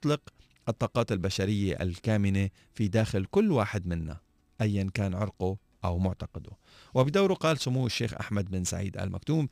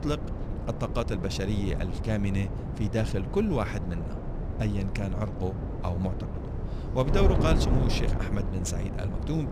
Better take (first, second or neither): first